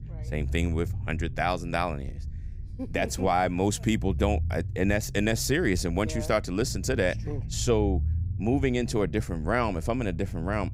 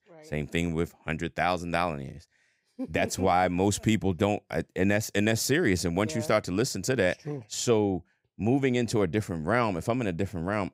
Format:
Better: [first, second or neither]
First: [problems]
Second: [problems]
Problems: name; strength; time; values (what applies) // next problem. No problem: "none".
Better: second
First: low rumble; faint; throughout; 20 dB below the speech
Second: none